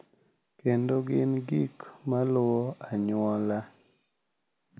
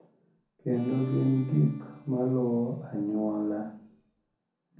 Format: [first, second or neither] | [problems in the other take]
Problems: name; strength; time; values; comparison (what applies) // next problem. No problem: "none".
first | background sound (Bowed string instrument); 19 dB below the speech // room echo; dies away in 0.5 s